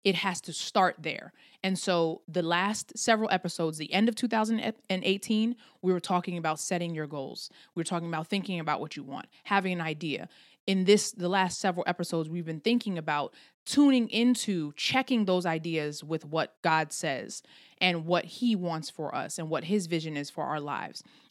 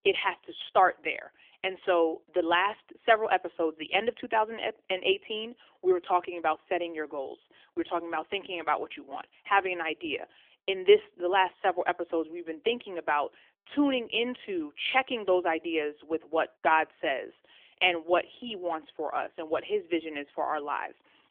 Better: first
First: none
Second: phone-call audio; nothing above 3.5 kHz

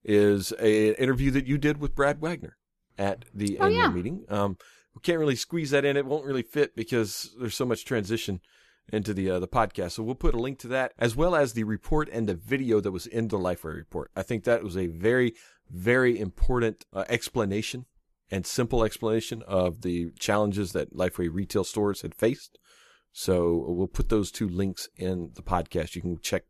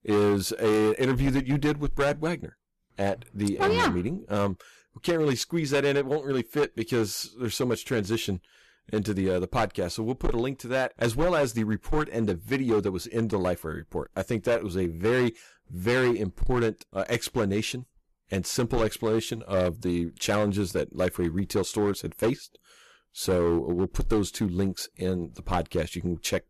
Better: first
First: none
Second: distortion; slight; 8% of the sound clipped

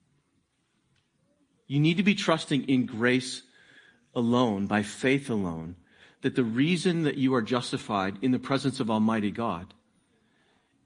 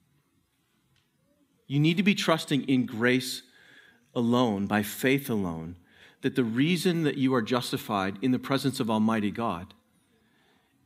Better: second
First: garbled, watery; slightly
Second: none

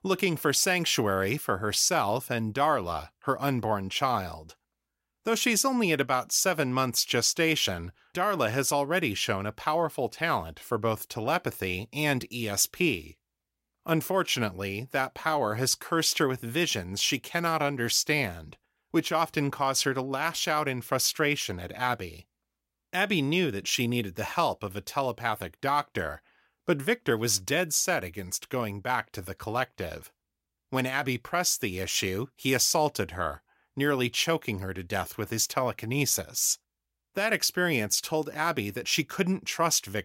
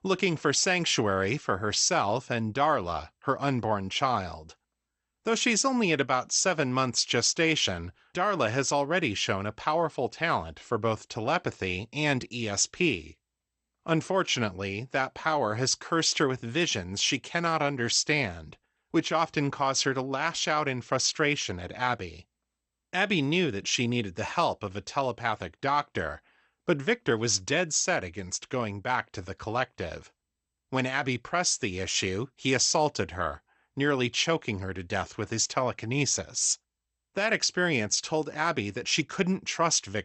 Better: first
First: none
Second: garbled, watery; slightly; nothing above 8 kHz

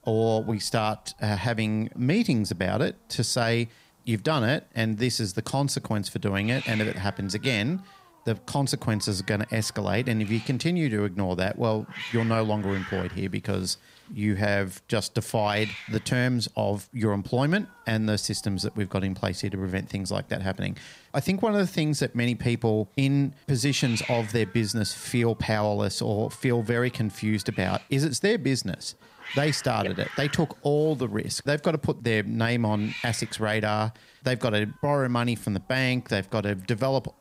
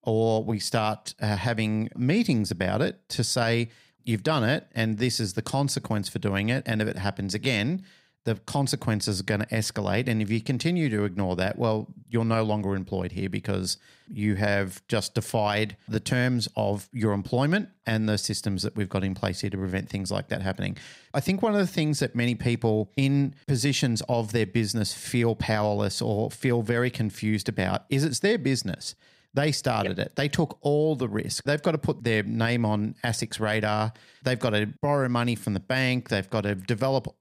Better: second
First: hiss; noticeable; throughout; 15 dB below the speech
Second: none

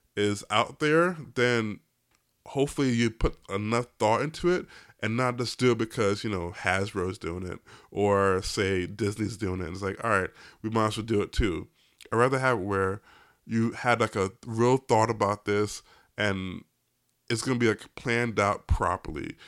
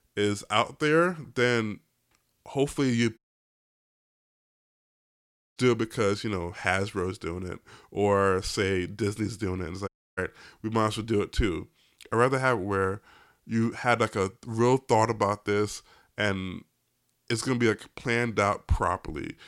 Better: first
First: none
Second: audio cutting out; at 3 s for 2.5 s and at 10 s

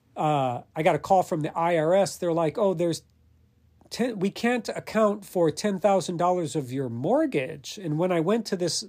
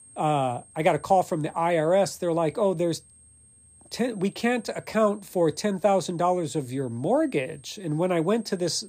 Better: first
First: none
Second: high-pitched whine; faint; throughout; 8.5 kHz, 25 dB below the speech

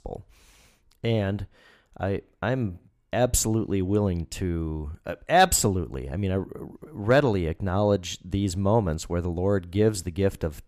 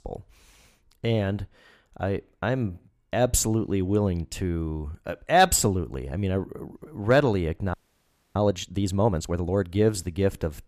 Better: first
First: none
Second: audio freezing; at 7.5 s for 0.5 s

